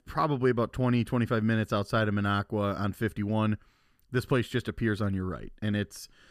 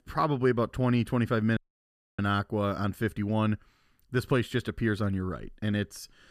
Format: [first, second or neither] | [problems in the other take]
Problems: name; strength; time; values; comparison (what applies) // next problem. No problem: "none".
first | audio cutting out; at 1.5 s for 0.5 s